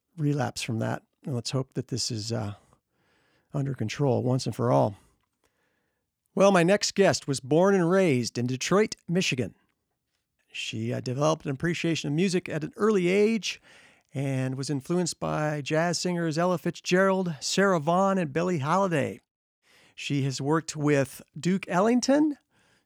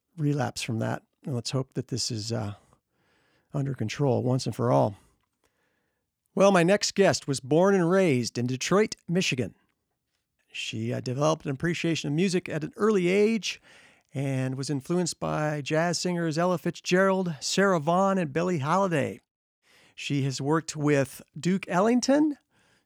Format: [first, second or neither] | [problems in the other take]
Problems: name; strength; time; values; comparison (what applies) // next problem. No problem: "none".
neither | none